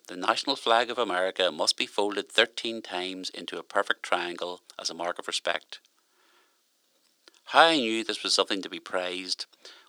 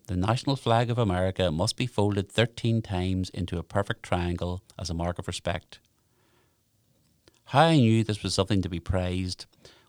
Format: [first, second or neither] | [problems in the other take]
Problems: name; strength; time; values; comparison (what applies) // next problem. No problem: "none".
second | thin; very; fading below 300 Hz